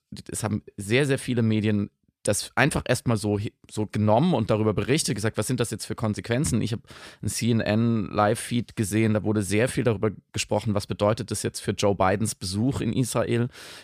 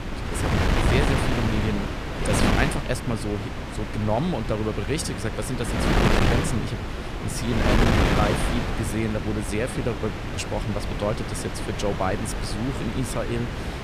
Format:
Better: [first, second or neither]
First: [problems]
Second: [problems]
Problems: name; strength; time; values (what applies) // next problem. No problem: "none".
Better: first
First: none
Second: wind noise on the microphone; heavy; 2 dB above the speech